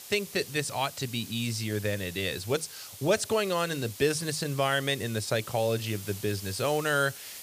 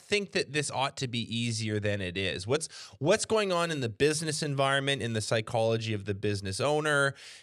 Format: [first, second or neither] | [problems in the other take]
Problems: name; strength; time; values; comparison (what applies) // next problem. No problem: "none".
second | hiss; noticeable; throughout; 15 dB below the speech